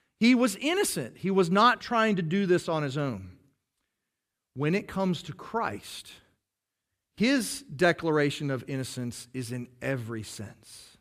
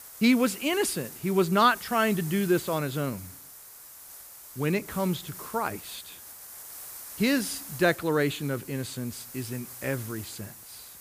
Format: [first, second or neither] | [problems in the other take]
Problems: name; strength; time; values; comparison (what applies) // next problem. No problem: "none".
first | hiss; noticeable; throughout; 15 dB below the speech